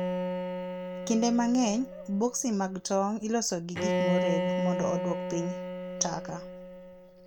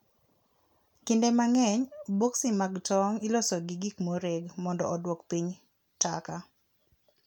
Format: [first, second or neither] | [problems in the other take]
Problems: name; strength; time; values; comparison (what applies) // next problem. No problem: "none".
second | background sound (Bowed string instrument); 2 dB below the speech